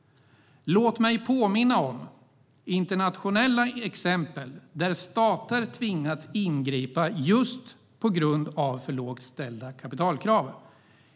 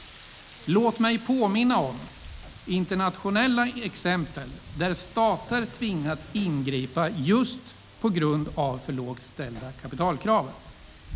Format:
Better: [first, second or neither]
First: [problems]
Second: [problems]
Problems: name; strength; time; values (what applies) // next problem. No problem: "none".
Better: first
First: none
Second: background sound (Rain); 19 dB below the speech